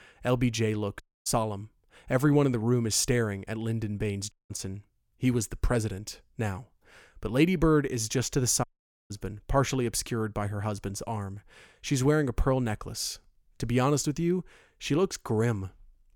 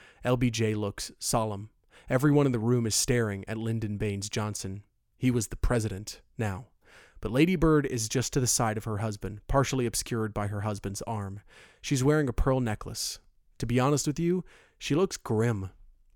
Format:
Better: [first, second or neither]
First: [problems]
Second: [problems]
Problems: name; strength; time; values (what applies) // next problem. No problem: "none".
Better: second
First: audio cutting out; at 1 s, at 4.5 s and at 8.5 s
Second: none